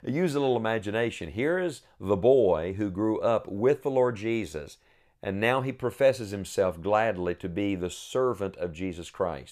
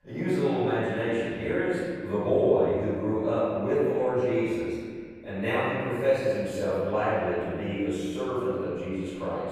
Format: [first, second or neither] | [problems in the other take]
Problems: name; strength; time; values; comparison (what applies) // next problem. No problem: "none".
first | off-mic speech; far // room echo; strong; dies away in 2.1 s